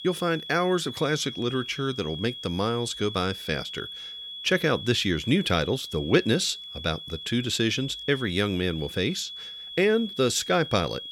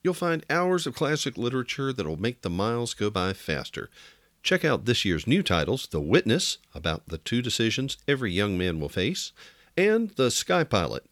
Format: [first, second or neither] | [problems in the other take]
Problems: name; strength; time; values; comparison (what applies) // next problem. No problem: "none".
second | high-pitched whine; noticeable; throughout; 3.5 kHz, 10 dB below the speech